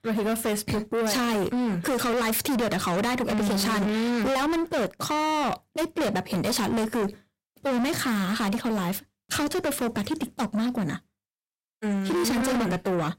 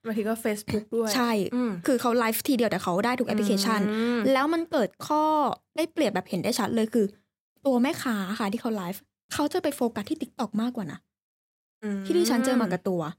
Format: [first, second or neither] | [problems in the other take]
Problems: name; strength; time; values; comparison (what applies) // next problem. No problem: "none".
second | distortion; heavy; 6 dB below the speech